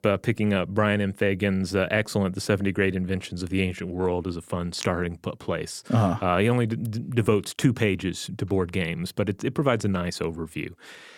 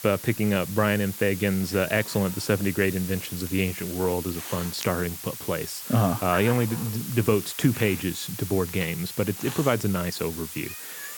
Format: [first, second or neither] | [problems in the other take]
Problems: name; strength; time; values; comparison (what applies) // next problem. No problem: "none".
first | hiss; loud; throughout; 9 dB below the speech